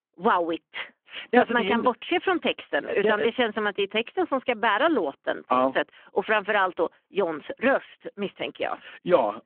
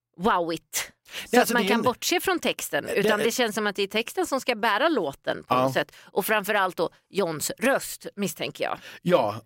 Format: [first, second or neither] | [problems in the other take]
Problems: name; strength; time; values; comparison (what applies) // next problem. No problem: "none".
second | phone-call audio